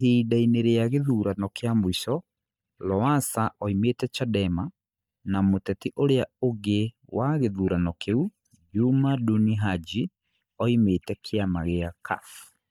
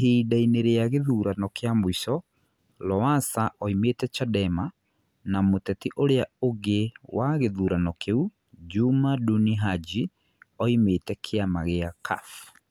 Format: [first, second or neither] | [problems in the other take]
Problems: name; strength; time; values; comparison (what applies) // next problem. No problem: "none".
second | noise reduction (neural mask model DeepFilterNet 3)